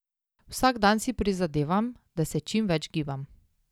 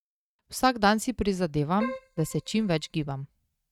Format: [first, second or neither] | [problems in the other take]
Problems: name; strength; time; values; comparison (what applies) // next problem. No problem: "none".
first | noise reduction (neural mask model RNNoise)